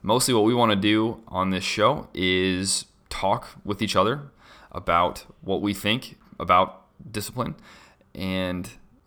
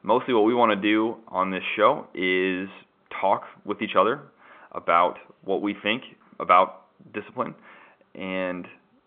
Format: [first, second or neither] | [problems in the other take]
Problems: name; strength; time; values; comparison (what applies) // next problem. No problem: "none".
first | phone-call audio; nothing above 3.5 kHz